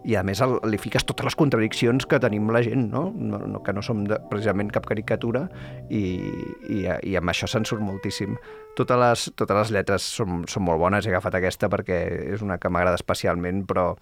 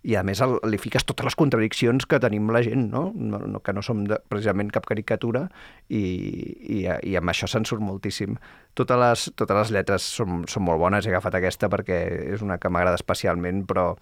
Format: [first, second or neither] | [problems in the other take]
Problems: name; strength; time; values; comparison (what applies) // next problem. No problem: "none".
second | background music; noticeable; until 9 s; 20 dB below the speech